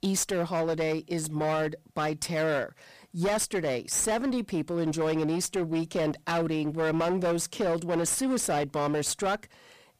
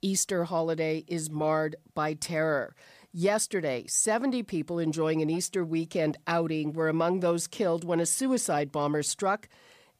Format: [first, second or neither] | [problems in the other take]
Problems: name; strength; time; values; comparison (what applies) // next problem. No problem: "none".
second | distortion; slight; 19% of the sound clipped